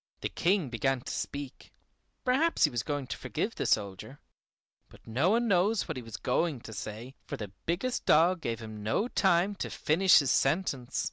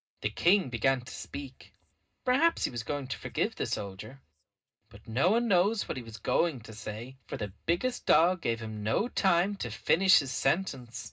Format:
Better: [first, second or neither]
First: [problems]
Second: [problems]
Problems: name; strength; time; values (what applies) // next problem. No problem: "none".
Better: first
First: none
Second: room echo; dies away in 0.2 s